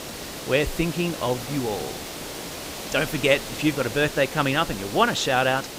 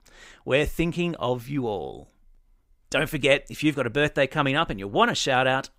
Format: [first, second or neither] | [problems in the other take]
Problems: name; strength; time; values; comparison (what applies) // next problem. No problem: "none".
second | hiss; loud; throughout; 10 dB below the speech